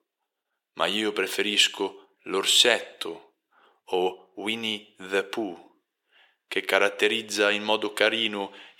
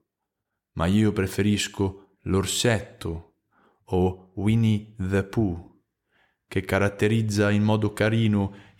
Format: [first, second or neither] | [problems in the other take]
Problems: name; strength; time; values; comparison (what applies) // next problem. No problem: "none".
second | thin; very; fading below 400 Hz